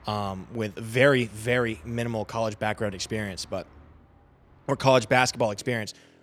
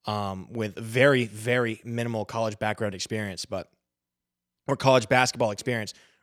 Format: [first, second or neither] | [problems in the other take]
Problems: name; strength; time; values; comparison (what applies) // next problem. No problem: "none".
second | traffic noise; faint; throughout; 25 dB below the speech